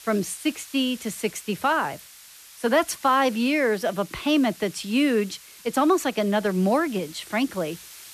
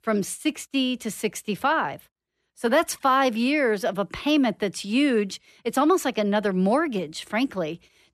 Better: second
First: hiss; noticeable; throughout; 20 dB below the speech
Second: none

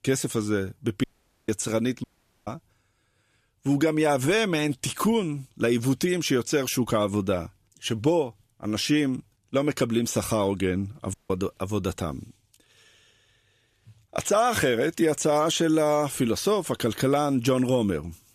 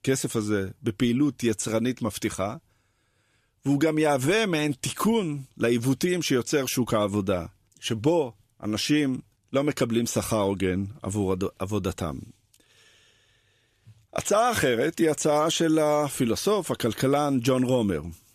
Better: second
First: audio cutting out; at 1 s, at 2 s and at 11 s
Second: none

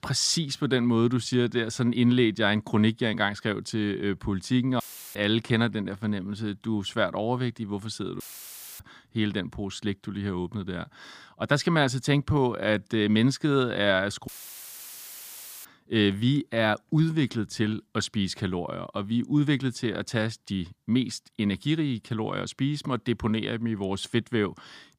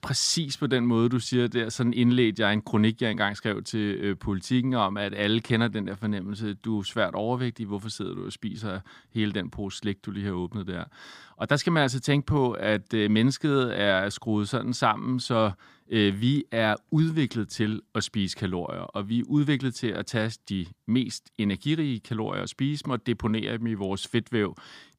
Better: second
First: audio cutting out; filled with static; at 5 s, at 8 s for 0.5 s and at 14 s for 1.5 s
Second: none

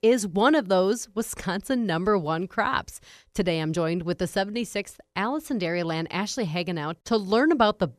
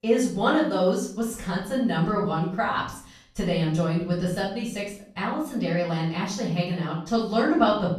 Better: first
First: none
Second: off-mic speech; far // room echo; noticeable; dies away in 0.5 s

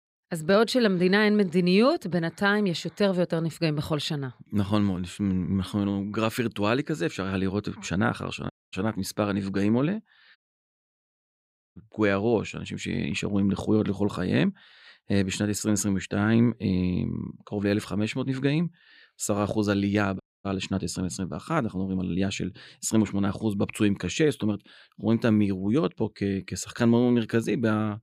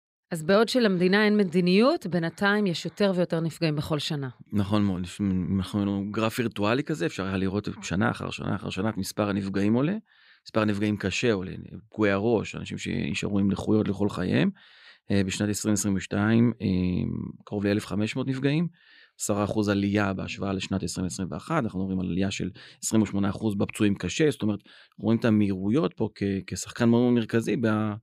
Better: second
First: audio cutting out; at 8.5 s, at 10 s for 1.5 s and at 20 s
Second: none

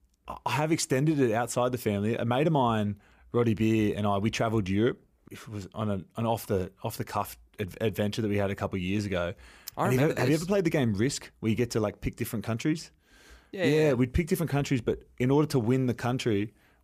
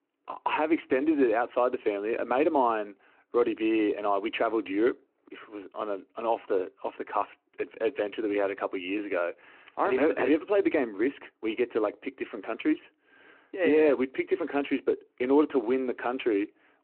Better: first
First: none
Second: phone-call audio

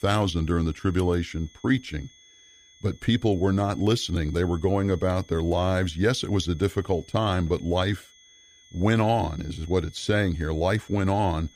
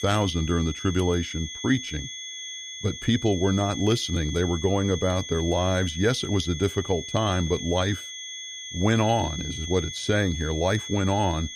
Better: first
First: high-pitched whine; faint; throughout; 3.5 kHz, 25 dB below the speech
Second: high-pitched whine; loud; throughout; 3.5 kHz, 9 dB below the speech

